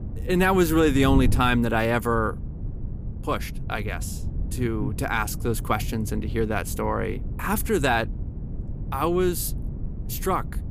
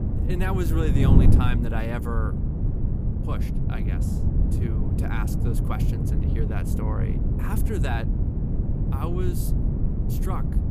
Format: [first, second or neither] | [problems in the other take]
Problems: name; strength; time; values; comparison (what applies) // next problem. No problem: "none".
first | wind noise on the microphone; heavy; 1 dB below the speech; occasional gusts in the first